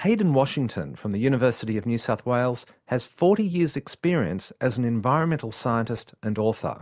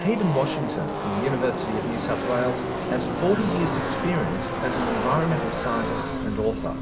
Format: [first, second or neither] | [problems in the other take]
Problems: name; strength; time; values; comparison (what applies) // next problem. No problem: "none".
first | background sound (Car passing by / Race car, auto racing); 1 dB below the speech // room echo; dies away in 0.8 s